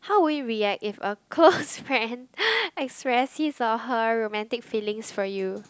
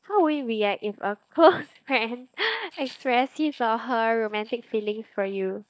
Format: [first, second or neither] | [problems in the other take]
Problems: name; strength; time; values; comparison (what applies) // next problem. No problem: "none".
first | noise reduction (neural mask model DeepFilterNet 3)